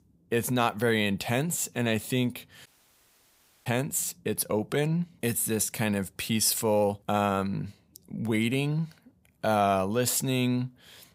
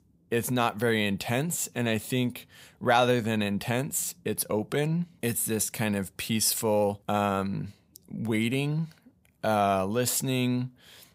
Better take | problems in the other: second | audio cutting out; at 2.5 s for 1 s

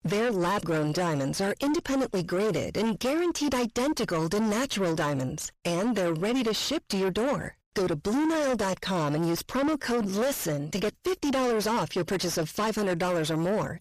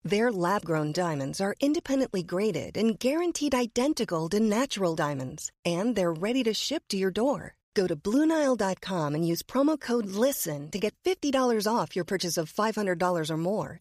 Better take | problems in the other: second | distortion; heavy; 6 dB below the speech

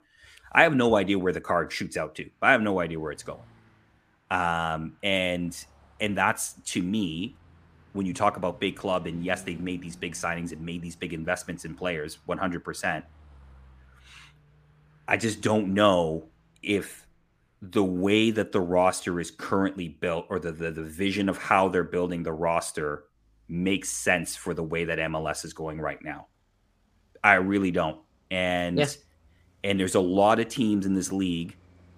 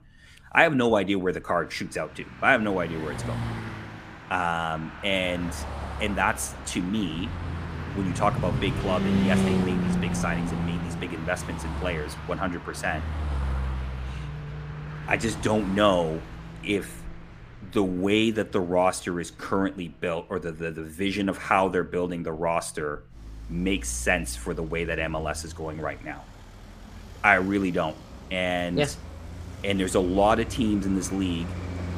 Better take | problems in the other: first | traffic noise; loud; throughout; 6 dB below the speech; faint in the first

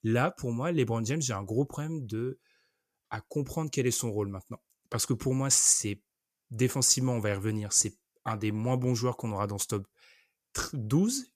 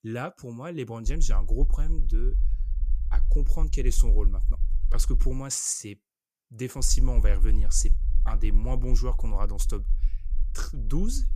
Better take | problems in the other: first | low rumble; noticeable; from 1 to 5.5 s and from 7 s on; 20 dB below the speech

